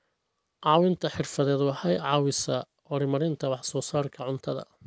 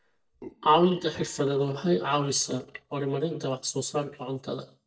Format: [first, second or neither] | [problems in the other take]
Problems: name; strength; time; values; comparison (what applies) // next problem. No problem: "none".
first | noise reduction (neural mask model DeepFilterNet 3)